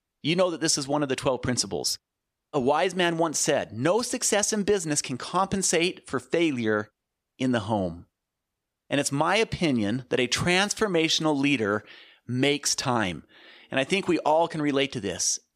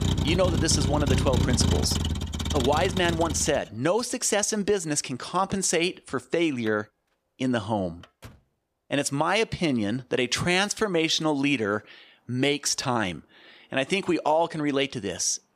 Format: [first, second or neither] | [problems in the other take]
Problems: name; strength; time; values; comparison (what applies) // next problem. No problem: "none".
first | traffic noise; loud; throughout; 2 dB below the speech